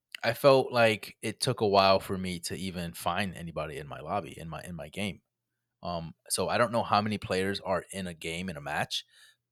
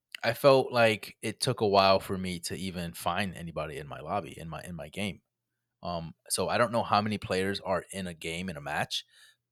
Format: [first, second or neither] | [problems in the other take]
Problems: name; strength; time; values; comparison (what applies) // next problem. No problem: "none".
neither | none